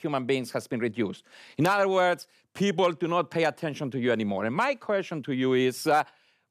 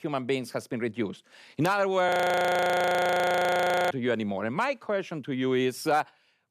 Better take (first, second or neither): first